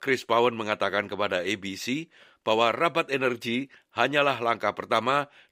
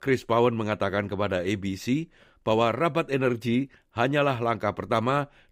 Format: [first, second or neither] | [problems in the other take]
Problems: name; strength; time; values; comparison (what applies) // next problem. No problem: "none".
second | thin; very slightly; fading below 1 kHz